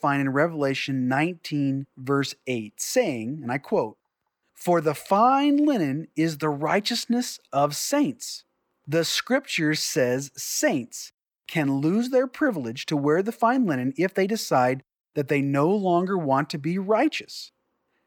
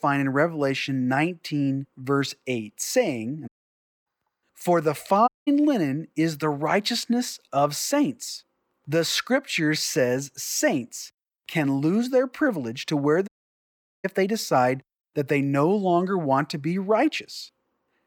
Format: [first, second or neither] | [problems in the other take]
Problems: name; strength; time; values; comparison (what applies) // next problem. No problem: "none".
first | audio cutting out; at 3.5 s for 0.5 s, at 5.5 s and at 13 s for 1 s